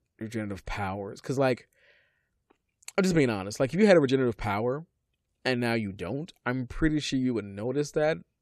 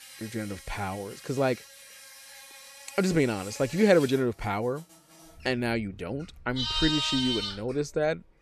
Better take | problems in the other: first | animal sounds; loud; throughout; 6 dB below the speech

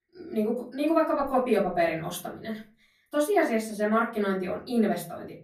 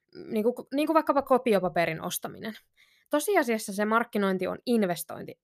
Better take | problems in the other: second | off-mic speech; far // room echo; slight; dies away in 0.3 s

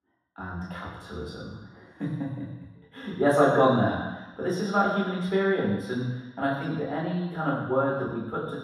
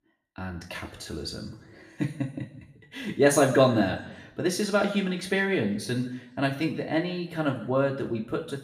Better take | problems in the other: second | room echo; strong; dies away in 1.2 s; slight in the second // off-mic speech; far; somewhat distant in the second

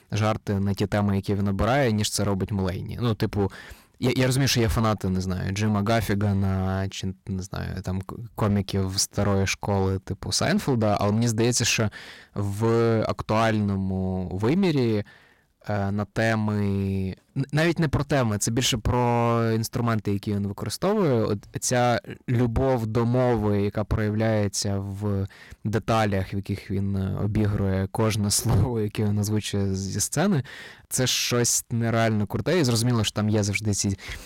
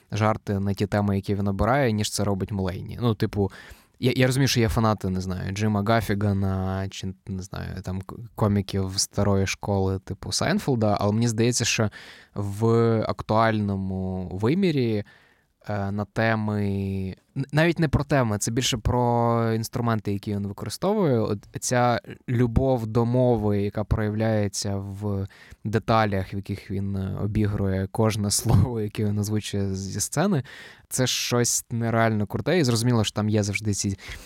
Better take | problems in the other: second | distortion; slight; 8% of the sound clipped

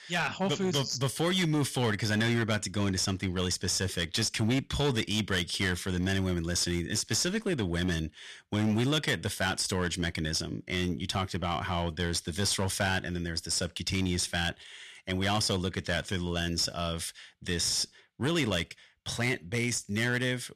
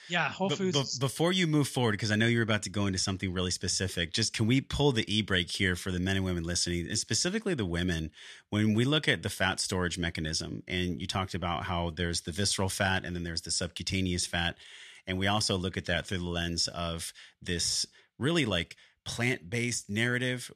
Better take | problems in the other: second | distortion; slight; 8% of the sound clipped

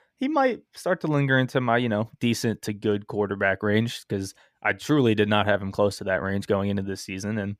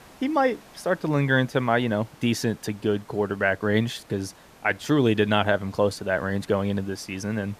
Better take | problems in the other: first | hiss; faint; throughout; 25 dB below the speech

